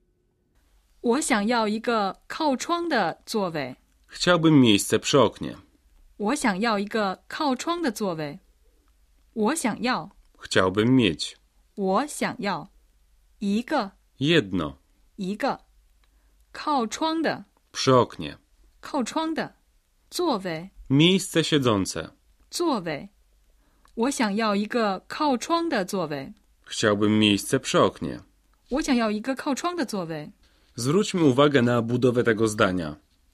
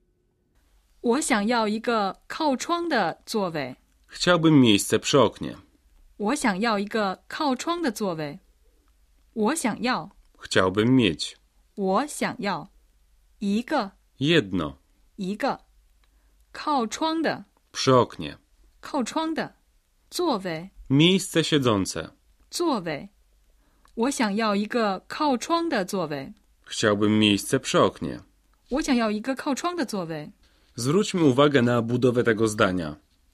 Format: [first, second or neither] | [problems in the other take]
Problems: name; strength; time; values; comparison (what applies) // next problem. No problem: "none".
neither | none